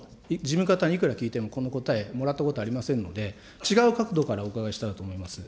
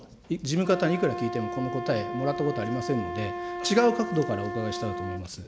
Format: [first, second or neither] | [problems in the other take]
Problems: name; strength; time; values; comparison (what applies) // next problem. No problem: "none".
first | background sound (Wind instrument, woodwind instrument); 6 dB below the speech